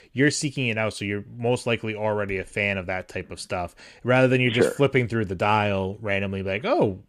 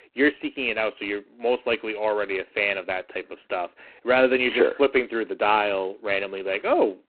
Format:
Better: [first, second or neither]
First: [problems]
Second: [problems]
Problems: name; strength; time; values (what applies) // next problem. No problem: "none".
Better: first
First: none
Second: phone-call audio; poor line; nothing above 4 kHz